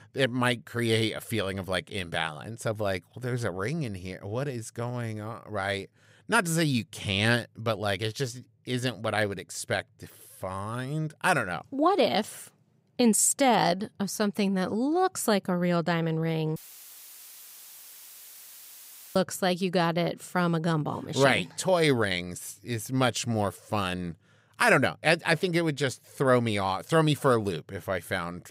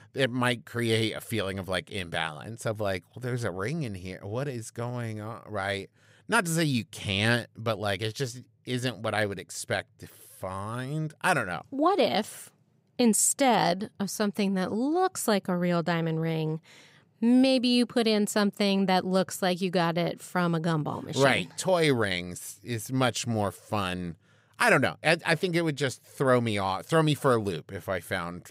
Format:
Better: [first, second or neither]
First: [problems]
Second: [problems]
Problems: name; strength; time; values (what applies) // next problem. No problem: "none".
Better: second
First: audio cutting out; filled with static; at 17 s for 2.5 s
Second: none